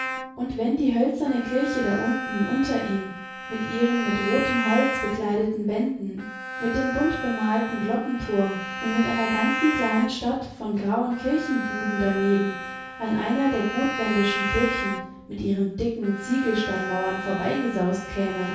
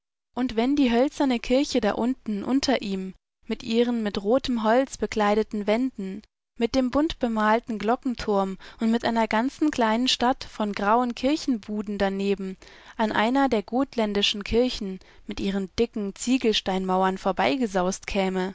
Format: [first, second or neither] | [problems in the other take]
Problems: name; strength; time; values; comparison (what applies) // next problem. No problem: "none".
second | background sound (Bowed string instrument); 7 dB below the speech // room echo; dies away in 0.6 s